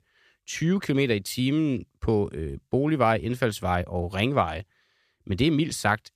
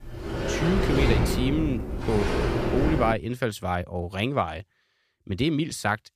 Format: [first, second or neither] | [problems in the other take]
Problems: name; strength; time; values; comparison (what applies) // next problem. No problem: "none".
first | door banging; loud; until 3 s; peak 4 dB above the speech